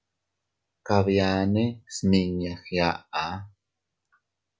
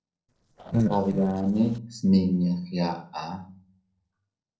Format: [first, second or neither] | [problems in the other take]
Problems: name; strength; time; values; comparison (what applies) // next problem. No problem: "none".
first | noise reduction (neural separator model SepFormer DNS4)